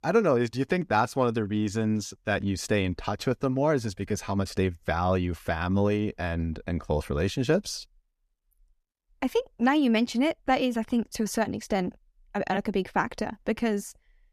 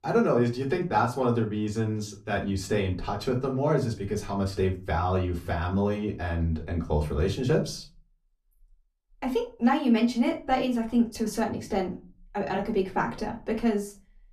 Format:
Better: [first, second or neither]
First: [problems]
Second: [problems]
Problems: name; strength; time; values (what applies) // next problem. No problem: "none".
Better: first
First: none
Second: off-mic speech; far // room echo; very slight; dies away in 0.3 s